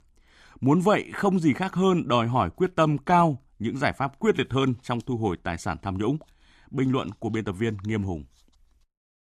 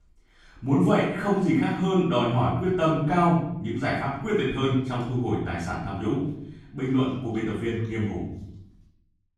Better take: first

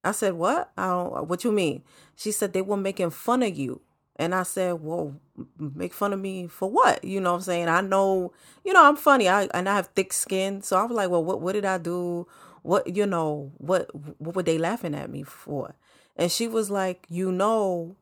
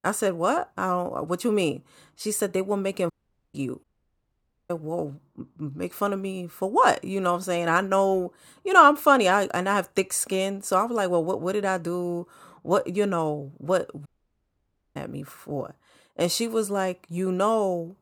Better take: first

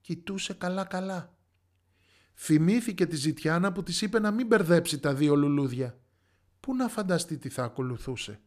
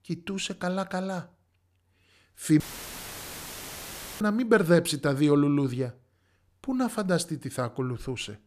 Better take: first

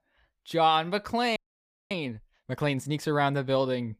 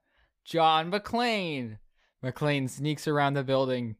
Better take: second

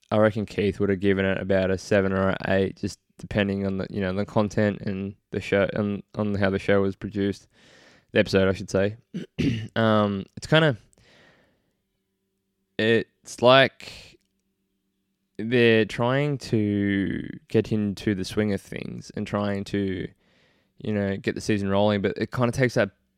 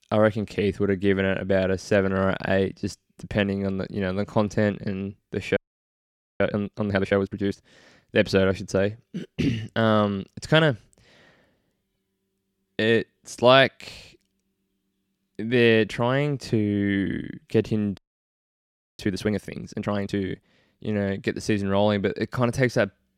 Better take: first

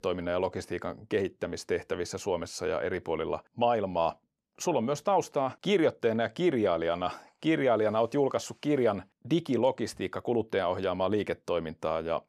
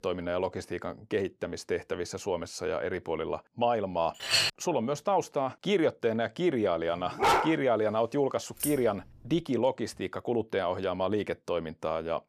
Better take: first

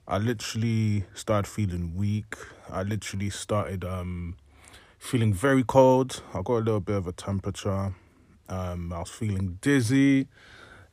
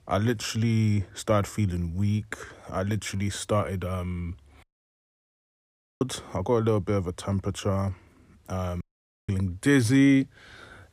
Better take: first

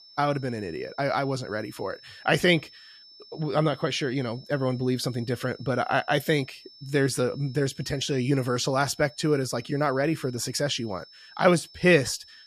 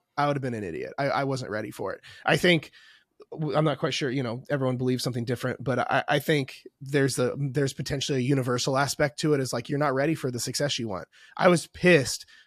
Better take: second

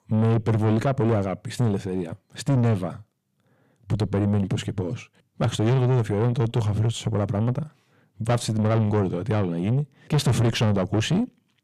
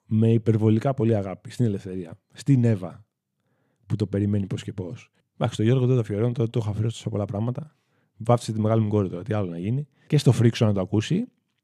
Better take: second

